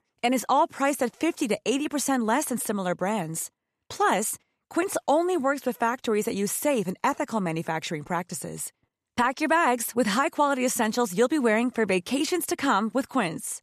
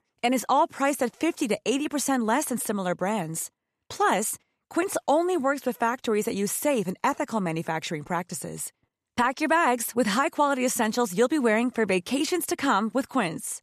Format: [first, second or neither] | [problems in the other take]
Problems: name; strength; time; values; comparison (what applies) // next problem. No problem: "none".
neither | none